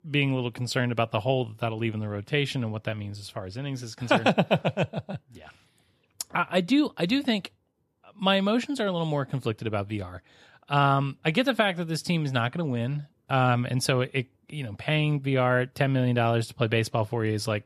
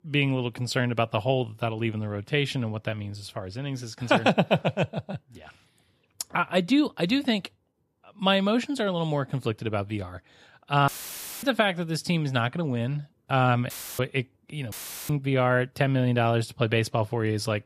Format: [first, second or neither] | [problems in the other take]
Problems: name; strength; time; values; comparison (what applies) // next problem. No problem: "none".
first | audio cutting out; filled with static; at 11 s for 0.5 s, at 14 s and at 15 s